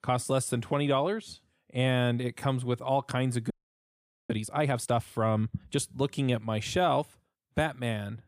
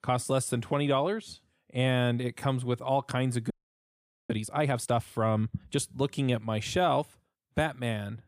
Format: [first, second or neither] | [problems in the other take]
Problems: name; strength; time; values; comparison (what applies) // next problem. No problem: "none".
neither | audio freezing; at 3.5 s for 1 s; the same in both